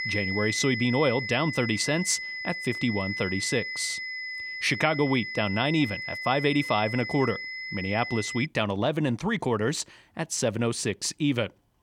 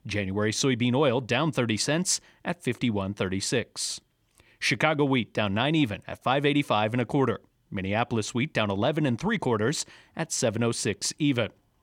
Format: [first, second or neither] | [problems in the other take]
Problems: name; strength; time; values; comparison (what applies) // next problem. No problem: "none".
second | high-pitched whine; loud; until 8.5 s; 2 kHz, 5 dB below the speech